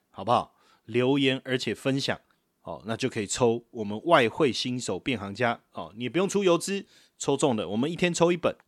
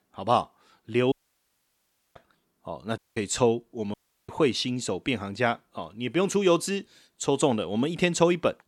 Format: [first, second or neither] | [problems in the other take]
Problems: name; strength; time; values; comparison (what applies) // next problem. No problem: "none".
first | audio cutting out; at 1 s for 1 s, at 3 s and at 4 s